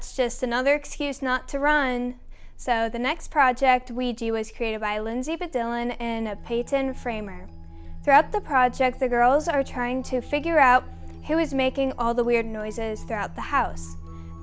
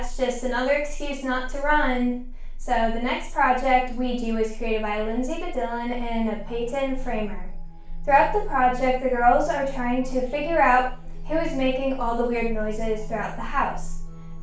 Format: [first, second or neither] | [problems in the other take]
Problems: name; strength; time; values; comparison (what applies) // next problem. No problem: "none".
first | room echo; dies away in 0.4 s